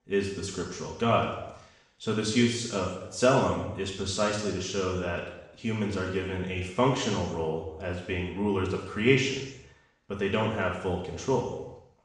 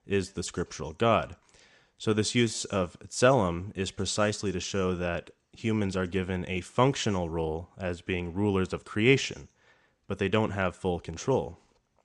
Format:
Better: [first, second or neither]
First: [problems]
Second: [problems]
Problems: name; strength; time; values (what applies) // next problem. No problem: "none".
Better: second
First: room echo; noticeable; dies away in 0.9 s // off-mic speech; far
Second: none